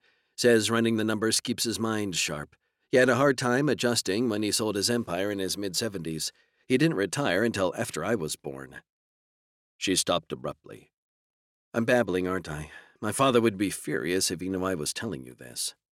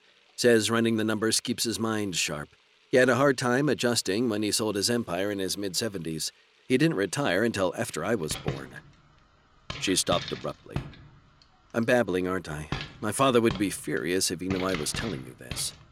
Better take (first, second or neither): first